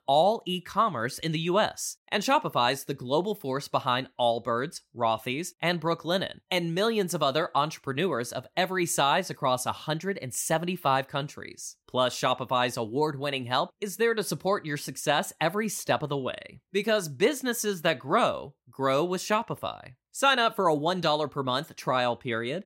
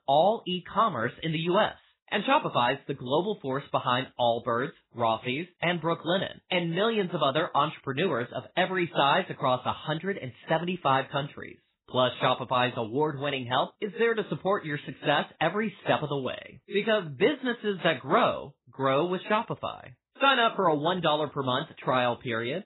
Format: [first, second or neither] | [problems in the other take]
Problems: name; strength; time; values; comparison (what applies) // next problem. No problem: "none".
first | garbled, watery; badly; nothing above 4 kHz